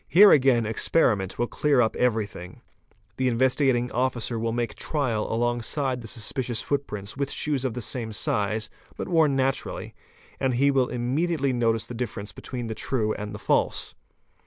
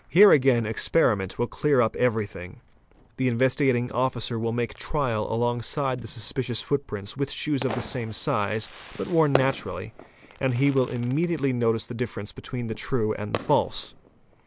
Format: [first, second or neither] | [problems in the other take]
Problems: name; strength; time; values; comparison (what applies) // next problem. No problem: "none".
first | background sound (Fireworks); 15 dB below the speech